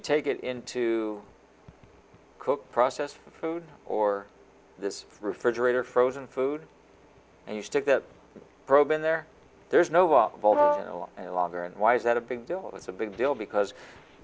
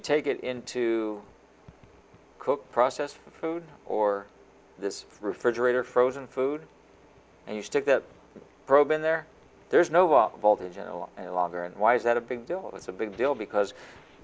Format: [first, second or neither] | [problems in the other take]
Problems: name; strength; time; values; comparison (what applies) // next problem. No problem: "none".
second | background sound (Brass instrument); 1 dB above the speech